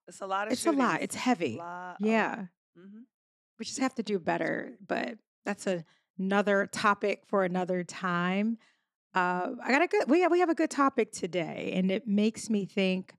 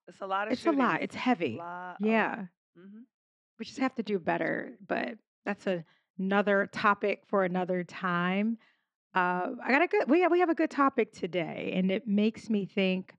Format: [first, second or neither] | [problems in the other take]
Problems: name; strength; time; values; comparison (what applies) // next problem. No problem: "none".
first | muffled; slightly; fading above 3 kHz